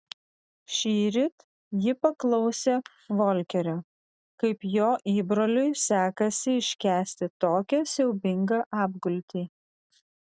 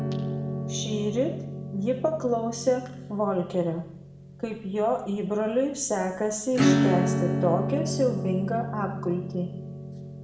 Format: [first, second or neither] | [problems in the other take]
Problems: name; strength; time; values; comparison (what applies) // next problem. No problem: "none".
first | background sound (Acoustic guitar / Strum); 2 dB below the speech // room echo; dies away in 0.7 s